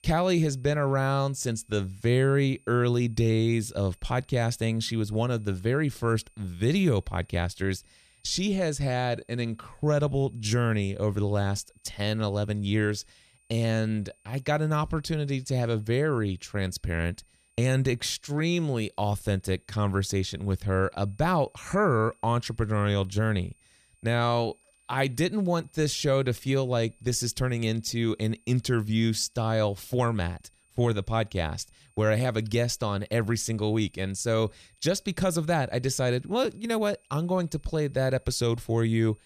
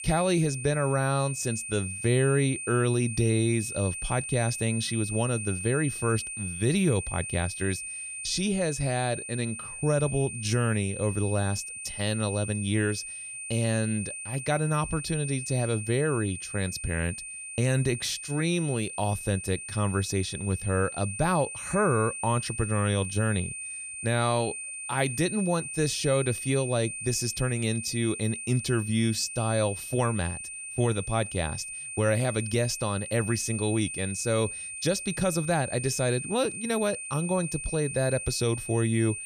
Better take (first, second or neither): first